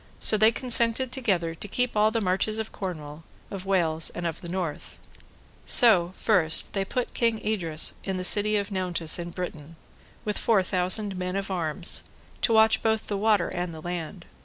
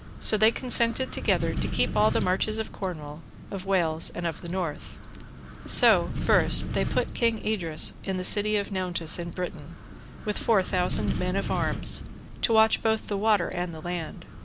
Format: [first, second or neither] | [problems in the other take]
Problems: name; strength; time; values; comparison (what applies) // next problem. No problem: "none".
first | background sound (Wind); 6 dB below the speech